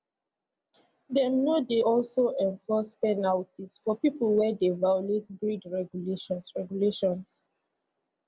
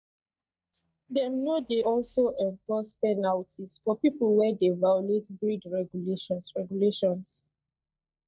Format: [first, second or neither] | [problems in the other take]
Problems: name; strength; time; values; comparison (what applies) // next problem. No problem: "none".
first | noise reduction (neural mask model DeepFilterNet 3)